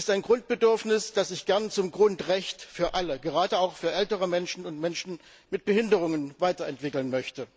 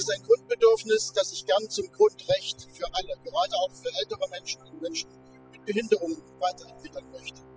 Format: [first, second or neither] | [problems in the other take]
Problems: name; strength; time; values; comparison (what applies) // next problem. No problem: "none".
first | noise reduction (classical method spectral subtraction)